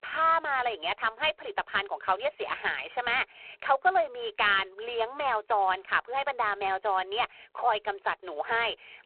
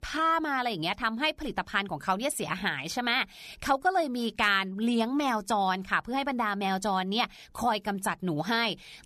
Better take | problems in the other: second | phone-call audio; poor line

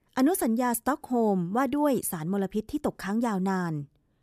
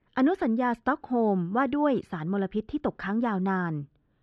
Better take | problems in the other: first | muffled; very; fading above 3.5 kHz

